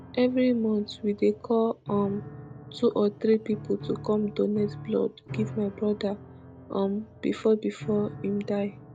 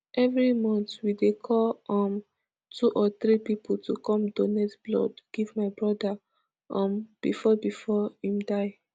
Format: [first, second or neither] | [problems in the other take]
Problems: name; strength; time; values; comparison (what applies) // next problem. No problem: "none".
second | background sound (Piano); 15 dB below the speech